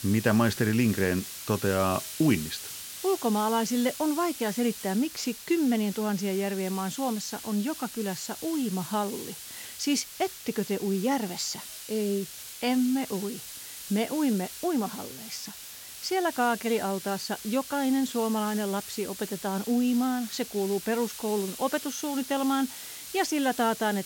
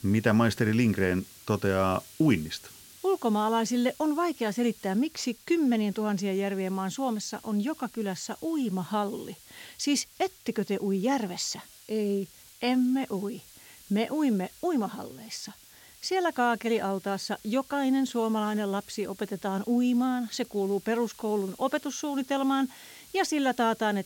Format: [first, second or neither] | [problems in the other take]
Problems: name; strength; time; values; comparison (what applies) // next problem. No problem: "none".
second | hiss; loud; throughout; 10 dB below the speech; faint in the second